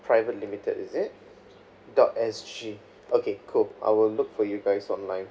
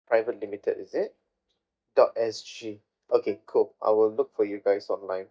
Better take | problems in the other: first | noise reduction (neural mask model DeepFilterNet 3)

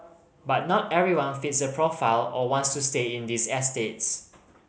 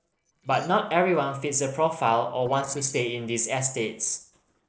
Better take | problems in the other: first | noise reduction (neural separator model SepFormer DNS4)

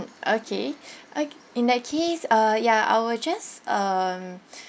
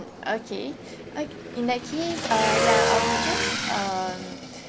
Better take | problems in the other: first | background sound (Motorcycle / Engine); 1 dB above the speech

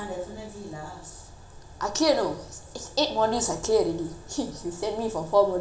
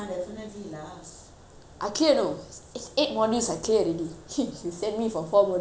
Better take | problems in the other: second | room echo; dies away in 0.3 s

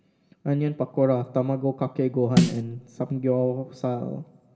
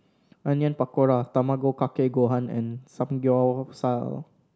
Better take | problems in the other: second | background sound (Snare drum); as loud as the speech // room echo; dies away in 0.9 s

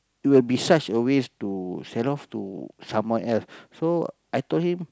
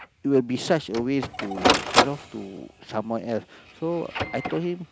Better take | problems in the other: first | background sound (Printer); 1 dB below the speech

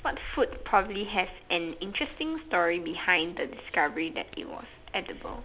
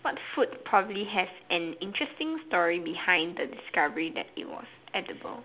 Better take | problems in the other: second | background sound (Scissors); 17 dB below the speech

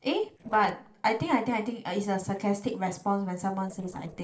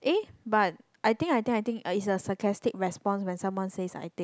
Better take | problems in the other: second | noise reduction (neural separator model SepFormer DNS4)

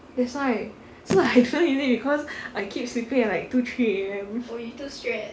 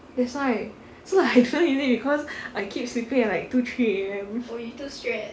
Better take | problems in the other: second | background sound (Telephone); 10 dB below the speech

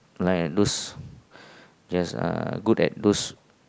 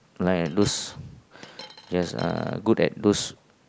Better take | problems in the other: first | background sound (Coin (dropping)); 19 dB below the speech

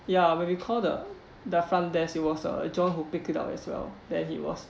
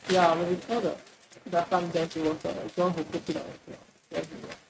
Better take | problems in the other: first | noise reduction (neural mask model RNNoise)

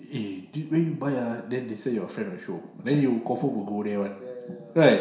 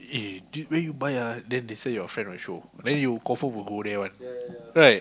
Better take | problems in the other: second | room echo; dies away in 0.7 s

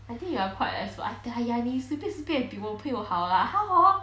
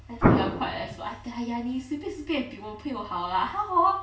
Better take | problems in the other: first | background sound (Explosion); 4 dB above the speech // room echo; dies away in 0.2 s

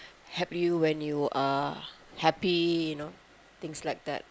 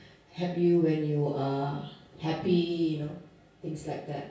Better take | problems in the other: first | room echo; dies away in 0.6 s

